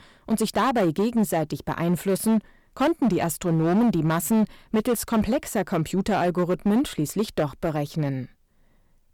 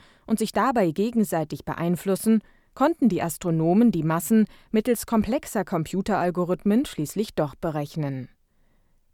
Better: second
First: distortion; slight; 11% of the sound clipped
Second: none

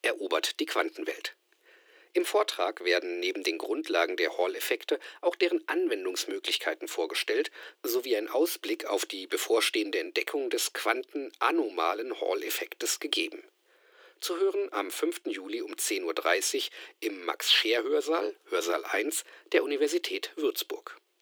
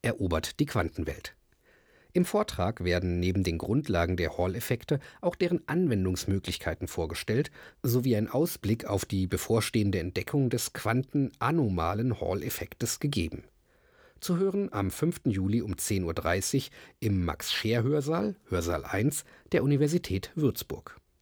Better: second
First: thin; very; fading below 300 Hz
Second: none

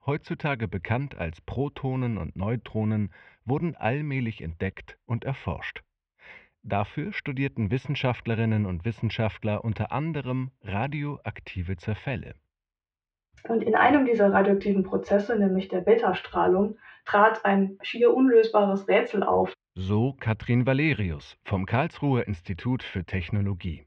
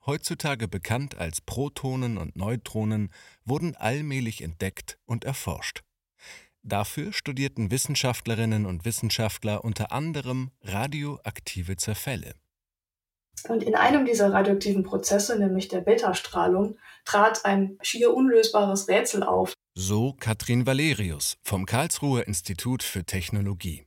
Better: second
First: muffled; very; fading above 3 kHz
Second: none

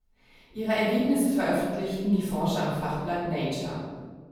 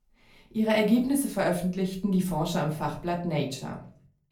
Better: second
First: room echo; strong; dies away in 1.5 s // off-mic speech; far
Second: room echo; slight; dies away in 0.4 s // off-mic speech; far

